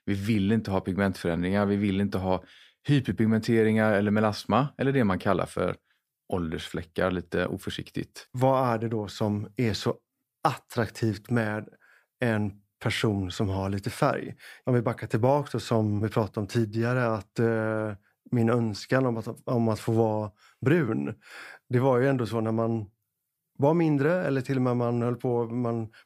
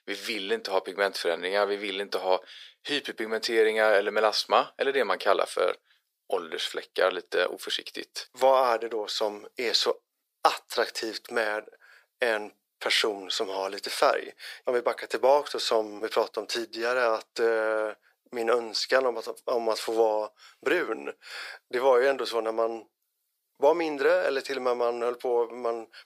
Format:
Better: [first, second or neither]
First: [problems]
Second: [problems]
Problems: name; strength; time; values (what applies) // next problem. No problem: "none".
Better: first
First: none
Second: thin; very; fading below 450 Hz